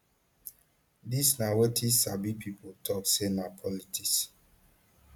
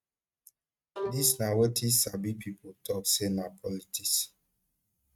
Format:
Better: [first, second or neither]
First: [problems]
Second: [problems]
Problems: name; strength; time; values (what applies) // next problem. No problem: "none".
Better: first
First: none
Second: noise reduction (neural mask model RNNoise)